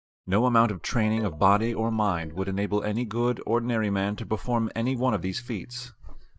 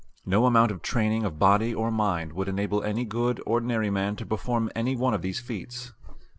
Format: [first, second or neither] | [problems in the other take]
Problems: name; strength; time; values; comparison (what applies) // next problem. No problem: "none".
second | noise reduction (neural mask model DeepFilterNet 3)